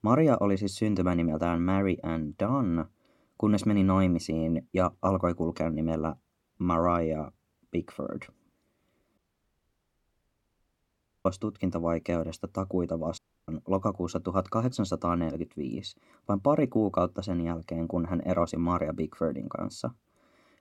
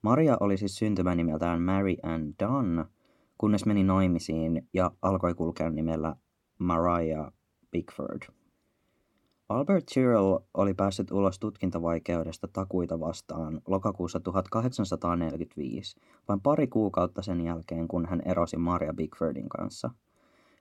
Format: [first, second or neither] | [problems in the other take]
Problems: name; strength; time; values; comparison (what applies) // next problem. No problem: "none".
second | audio cutting out; at 9 s for 2 s and at 13 s